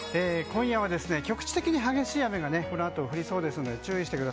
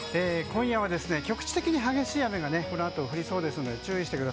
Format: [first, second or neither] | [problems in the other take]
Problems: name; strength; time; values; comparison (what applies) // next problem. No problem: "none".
first | background sound (Guitar); 16 dB below the speech